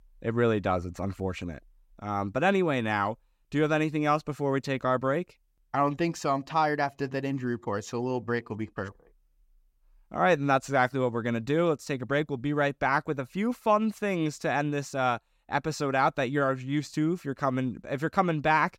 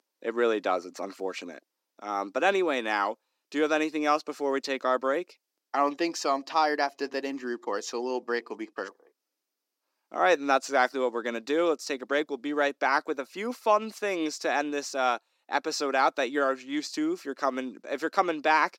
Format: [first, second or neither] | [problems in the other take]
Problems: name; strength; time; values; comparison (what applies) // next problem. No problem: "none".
first | thin; very slightly; fading below 300 Hz